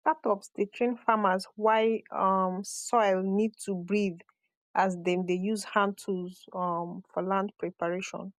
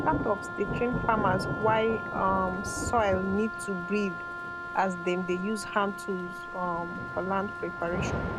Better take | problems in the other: first | background sound (Thunder / Rain + Wind instrument, woodwind instrument); 4 dB below the speech

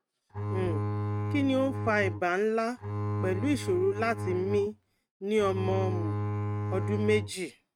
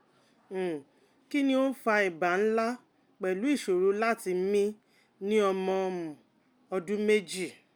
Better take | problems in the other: second | noise reduction (neural mask model RNNoise)

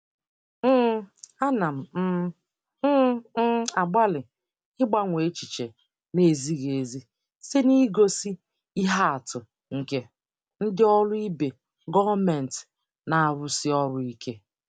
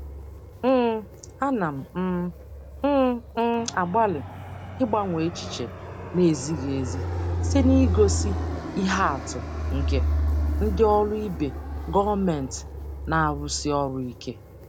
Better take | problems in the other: first | background sound (Fixed-wing aircraft, airplane); 4 dB below the speech

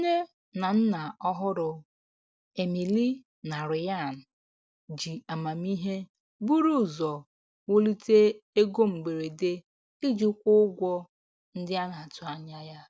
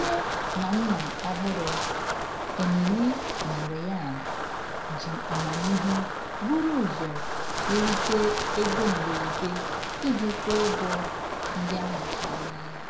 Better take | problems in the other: first | background sound (Wind); 1 dB below the speech // room echo; dies away in 0.5 s

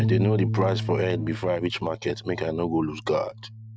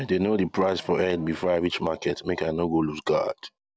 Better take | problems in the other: second | noise reduction (neural mask model RNNoise)

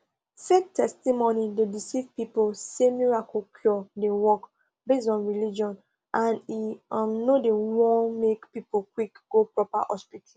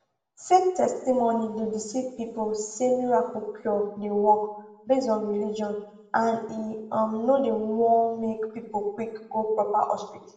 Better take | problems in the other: first | room echo; dies away in 0.7 s

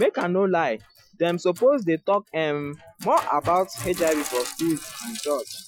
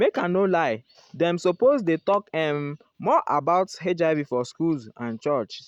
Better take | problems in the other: second | noise reduction (classical method Wiener filter)

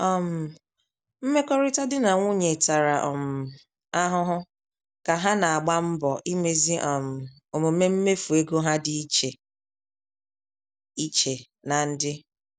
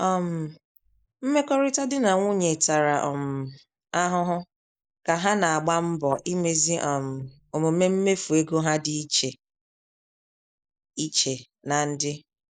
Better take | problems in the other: first | noise reduction (neural mask model Resemble Enhance denoiser)

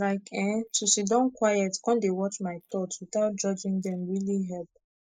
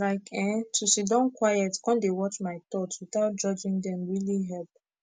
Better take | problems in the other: second | noise reduction (neural mask model Resemble Enhance denoiser)

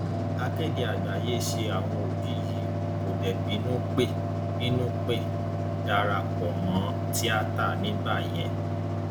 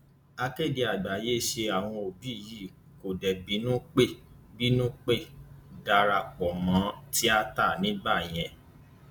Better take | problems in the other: second | background sound (Mechanical fan); 4 dB above the speech

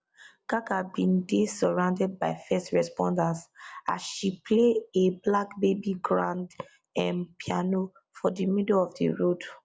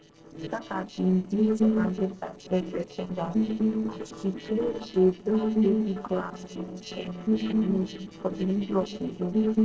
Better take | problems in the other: first | noise reduction (neural separator model SepFormer DNS4)

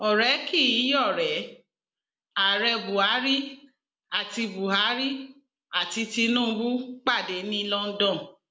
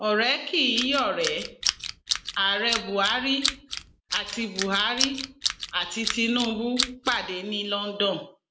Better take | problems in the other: first | background sound (Tools); 5 dB below the speech

